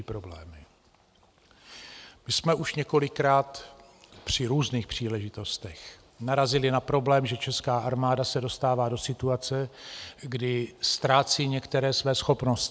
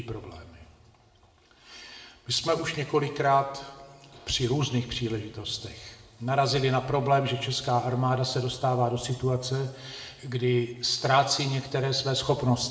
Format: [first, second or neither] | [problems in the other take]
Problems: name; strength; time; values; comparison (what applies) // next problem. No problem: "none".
first | room echo; dies away in 1.5 s